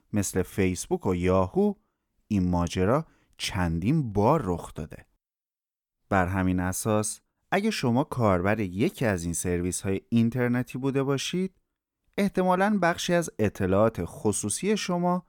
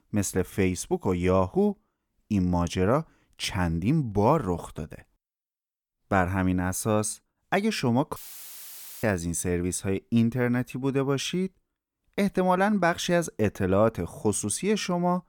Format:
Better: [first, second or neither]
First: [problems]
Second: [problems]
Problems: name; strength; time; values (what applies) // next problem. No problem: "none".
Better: first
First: none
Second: audio cutting out; filled with static; at 8 s for 1 s